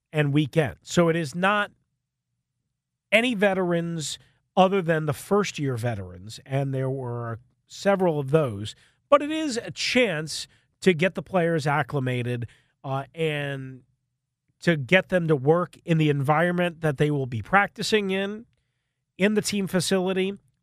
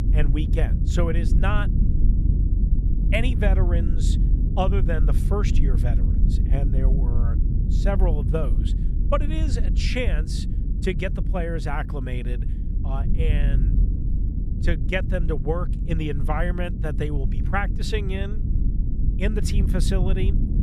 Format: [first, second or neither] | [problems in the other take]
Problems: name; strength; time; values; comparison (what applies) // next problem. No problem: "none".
first | low rumble; loud; throughout; 8 dB below the speech